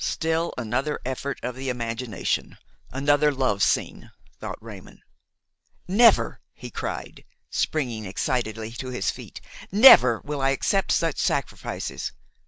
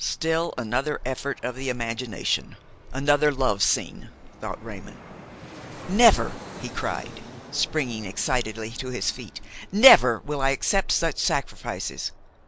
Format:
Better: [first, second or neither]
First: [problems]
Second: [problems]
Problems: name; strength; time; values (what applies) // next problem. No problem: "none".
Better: first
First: none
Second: background sound (Fixed-wing aircraft, airplane); 19 dB below the speech